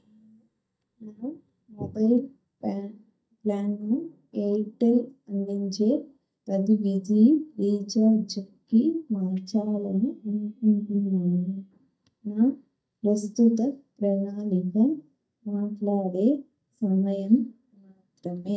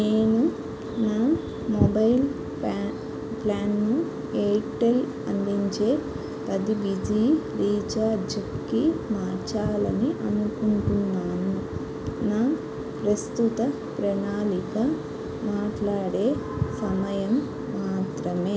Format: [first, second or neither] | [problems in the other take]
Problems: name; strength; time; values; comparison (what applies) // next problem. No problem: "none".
second | noise reduction (neural mask model DeepFilterNet 3)